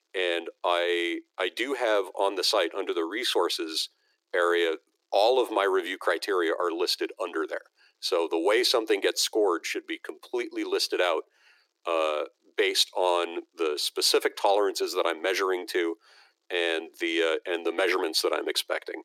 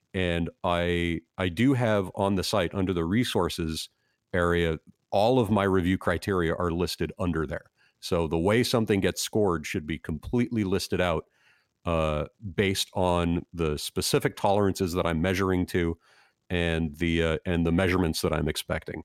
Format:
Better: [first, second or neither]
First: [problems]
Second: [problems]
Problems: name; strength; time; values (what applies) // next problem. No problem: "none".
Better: second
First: thin; very; fading below 300 Hz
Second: none